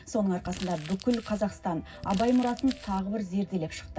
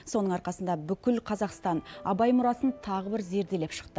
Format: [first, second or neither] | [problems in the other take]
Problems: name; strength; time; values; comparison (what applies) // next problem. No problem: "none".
second | background sound (Crumpling, crinkling); 16 dB below the speech // room echo; dies away in 0.4 s